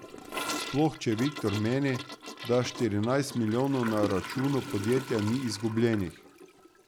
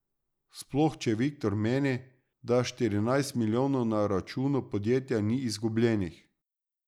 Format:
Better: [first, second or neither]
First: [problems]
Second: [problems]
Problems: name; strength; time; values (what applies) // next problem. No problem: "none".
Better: second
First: background sound (Toilet flush / Gurgling); 11 dB below the speech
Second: none